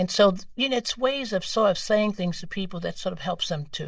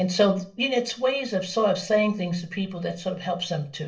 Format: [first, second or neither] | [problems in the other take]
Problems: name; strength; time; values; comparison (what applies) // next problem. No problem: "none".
first | room echo; dies away in 0.3 s